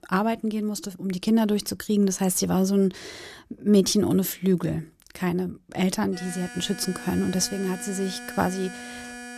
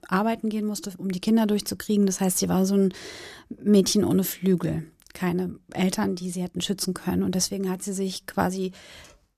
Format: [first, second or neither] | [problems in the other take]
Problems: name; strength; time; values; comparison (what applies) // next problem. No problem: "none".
second | alarm; faint; from 6 s on; peak 15 dB below the speech